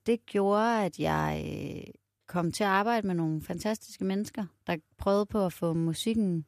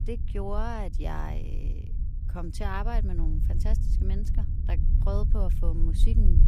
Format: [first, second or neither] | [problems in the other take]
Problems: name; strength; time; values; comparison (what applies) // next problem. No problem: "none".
first | low rumble; loud; throughout; 9 dB below the speech